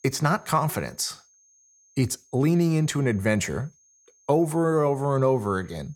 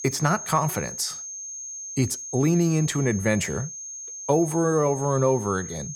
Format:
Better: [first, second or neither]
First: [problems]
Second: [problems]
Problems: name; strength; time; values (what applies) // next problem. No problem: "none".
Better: first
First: high-pitched whine; faint; throughout; 6.5 kHz, 35 dB below the speech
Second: high-pitched whine; loud; throughout; 6.5 kHz, 9 dB below the speech